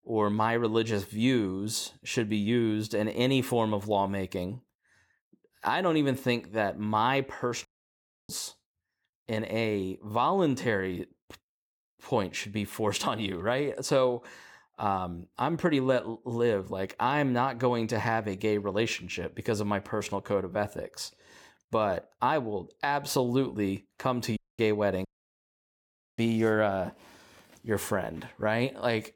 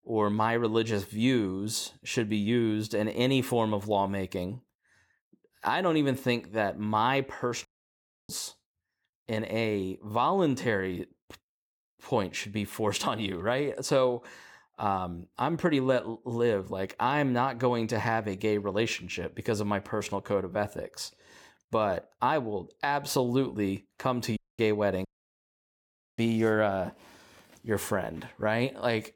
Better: neither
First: audio cutting out; at 7.5 s for 0.5 s, at 24 s and at 25 s for 1 s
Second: audio cutting out; at 7.5 s for 0.5 s, at 24 s and at 25 s for 1 s

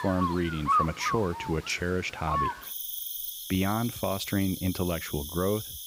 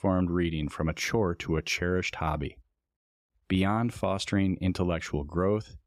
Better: second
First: animal sounds; loud; throughout; 3 dB below the speech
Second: none

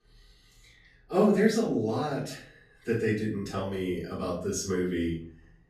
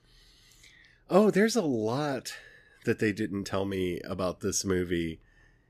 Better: second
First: off-mic speech; far // room echo; slight; dies away in 0.5 s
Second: none

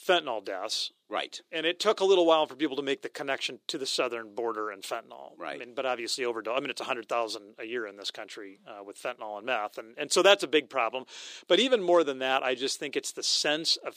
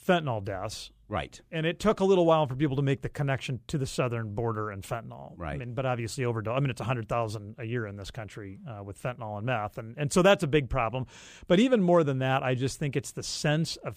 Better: second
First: thin; somewhat; fading below 350 Hz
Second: none

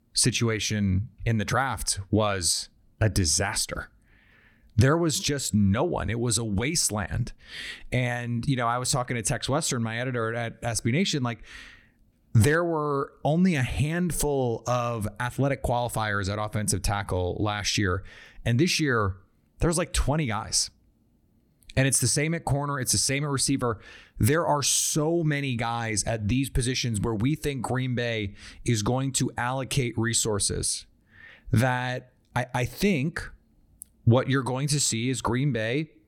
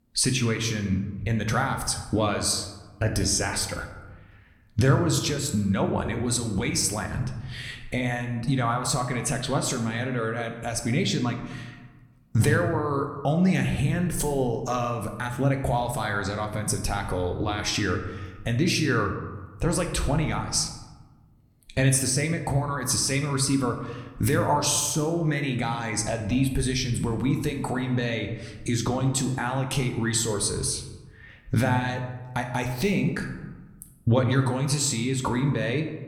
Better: first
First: none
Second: room echo; slight; dies away in 1 s

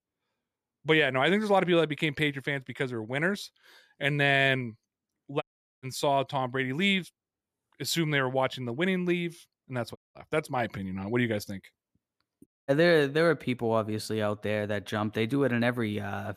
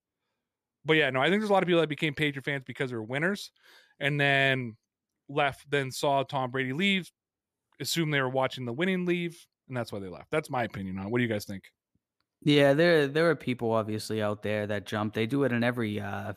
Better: second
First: audio cutting out; at 5.5 s, at 10 s and at 12 s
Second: none

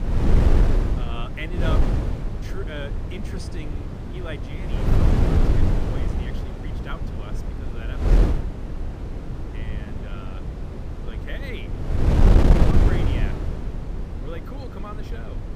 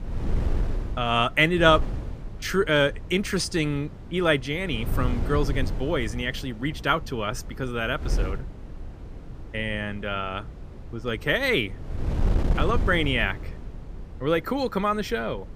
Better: second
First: wind noise on the microphone; heavy; 5 dB above the speech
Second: wind noise on the microphone; occasional gusts; 20 dB below the speech

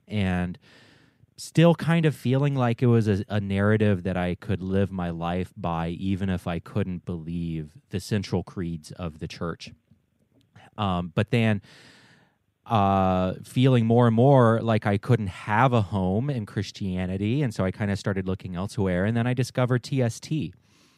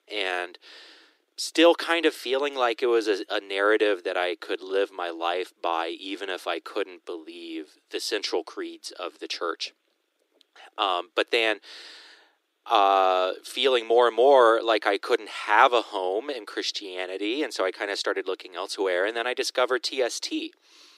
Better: first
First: none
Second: thin; very; fading below 300 Hz

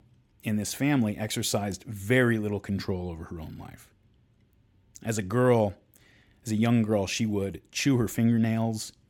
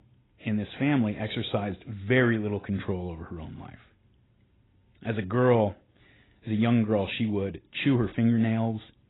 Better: first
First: none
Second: garbled, watery; badly; nothing above 4 kHz

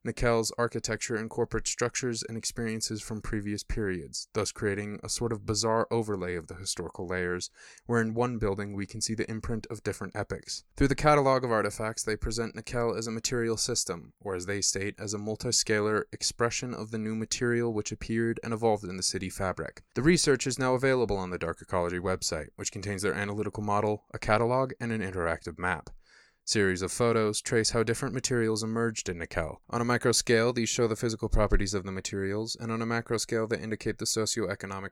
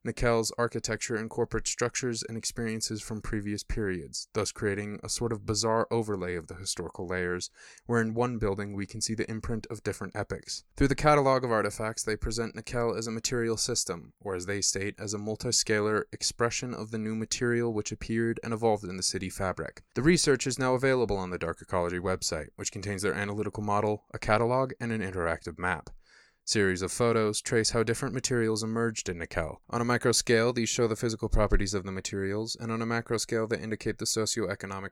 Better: neither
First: none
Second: none

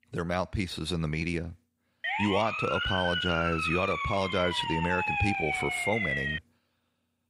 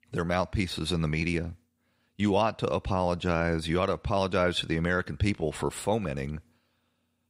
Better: second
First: siren; loud; from 2 to 6.5 s; peak 2 dB above the speech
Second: none

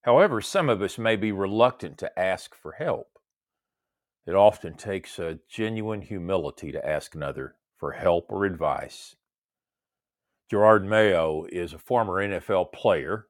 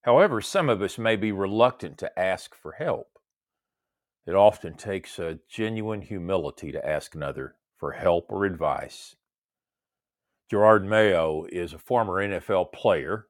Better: neither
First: none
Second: none

